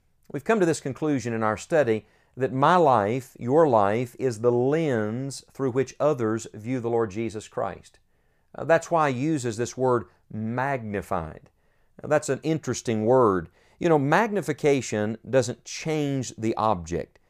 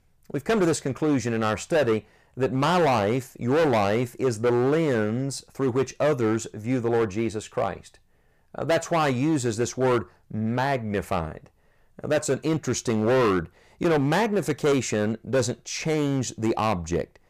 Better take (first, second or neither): first